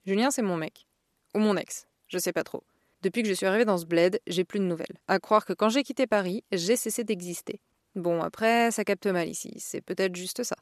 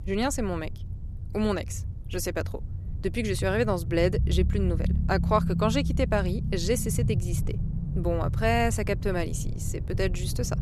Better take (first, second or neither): first